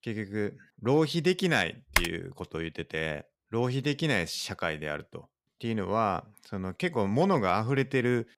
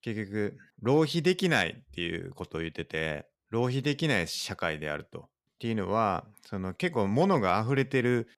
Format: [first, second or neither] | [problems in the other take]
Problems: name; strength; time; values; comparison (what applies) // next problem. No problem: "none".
second | keyboard typing; loud; at 2 s; peak 1 dB above the speech